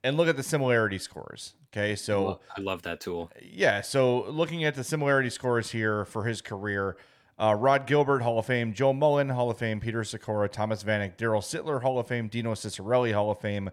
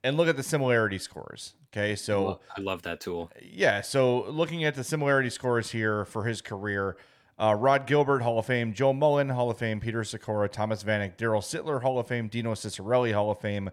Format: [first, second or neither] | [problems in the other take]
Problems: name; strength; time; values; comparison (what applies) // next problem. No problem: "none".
neither | none